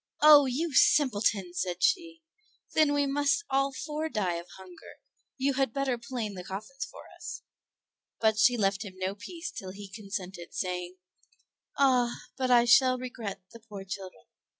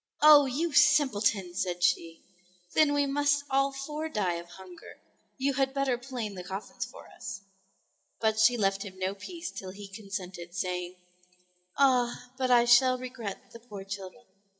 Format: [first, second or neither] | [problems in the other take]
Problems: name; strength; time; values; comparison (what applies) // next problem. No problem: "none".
first | room echo; dies away in 0.5 s